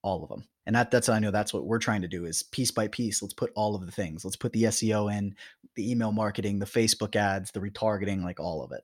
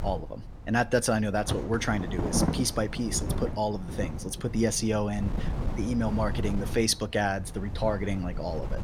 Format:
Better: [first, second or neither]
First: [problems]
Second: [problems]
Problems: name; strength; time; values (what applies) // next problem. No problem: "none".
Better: first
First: none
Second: wind noise on the microphone; occasional gusts; 10 dB below the speech